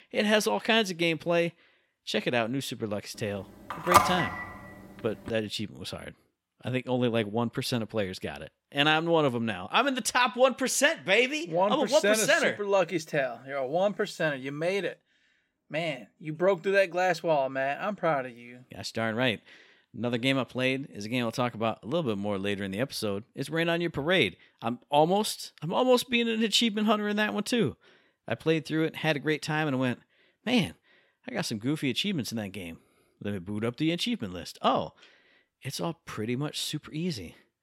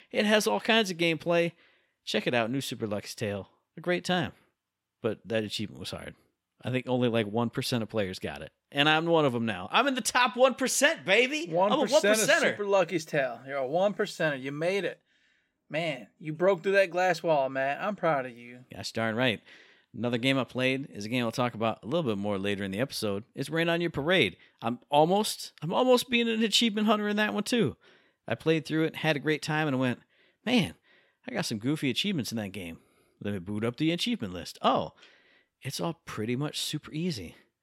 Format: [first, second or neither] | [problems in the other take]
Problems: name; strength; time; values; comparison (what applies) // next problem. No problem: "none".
second | phone ringing; loud; at 4 s; peak 6 dB above the speech